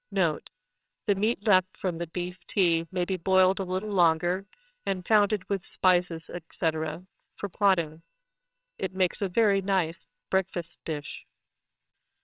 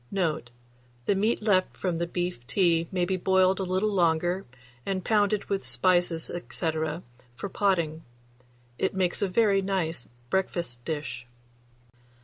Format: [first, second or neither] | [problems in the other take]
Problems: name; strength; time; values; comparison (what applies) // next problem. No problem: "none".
second | noise reduction (neural separator model SepFormer WHAMR!)